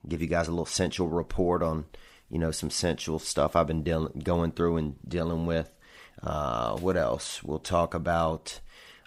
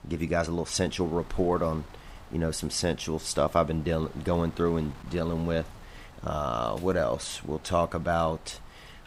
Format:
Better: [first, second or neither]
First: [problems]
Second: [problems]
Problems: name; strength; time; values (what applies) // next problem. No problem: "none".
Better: first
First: none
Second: wind noise on the microphone; occasional gusts; 20 dB below the speech